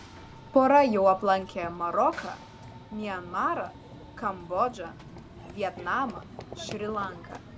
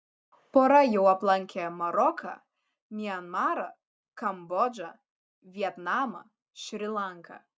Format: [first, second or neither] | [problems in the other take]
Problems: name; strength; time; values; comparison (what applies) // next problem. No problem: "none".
second | background sound (Run / Train); 16 dB below the speech